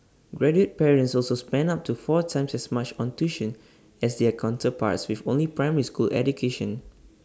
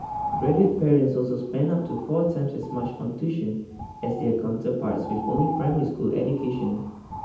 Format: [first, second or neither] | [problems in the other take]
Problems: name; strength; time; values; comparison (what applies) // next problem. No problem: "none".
first | background sound (Bird); 11 dB below the speech // room echo; dies away in 0.8 s